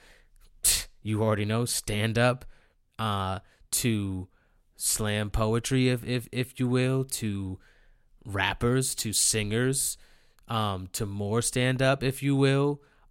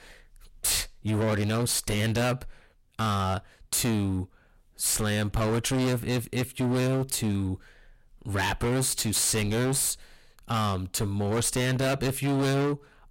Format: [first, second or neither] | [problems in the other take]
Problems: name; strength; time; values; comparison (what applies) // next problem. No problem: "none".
first | distortion; heavy; 23% of the sound clipped